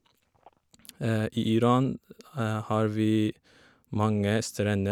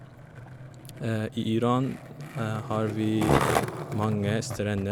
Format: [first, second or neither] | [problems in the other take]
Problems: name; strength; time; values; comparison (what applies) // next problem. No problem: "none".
first | background sound (Skateboard); 3 dB below the speech